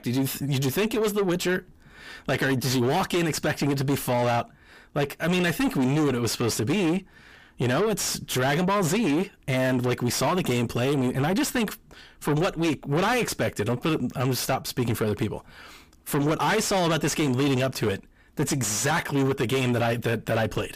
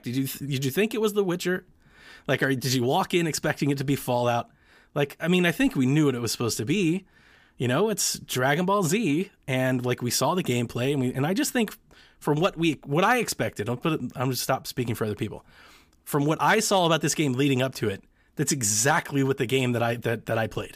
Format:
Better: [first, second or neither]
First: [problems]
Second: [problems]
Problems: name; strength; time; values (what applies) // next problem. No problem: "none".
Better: second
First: distortion; heavy; 7 dB below the speech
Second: none